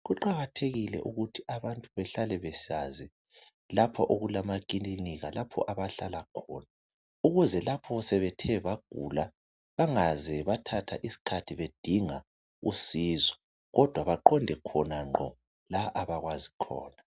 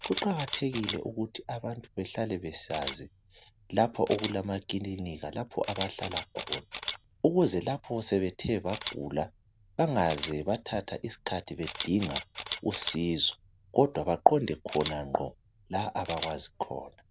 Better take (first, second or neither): first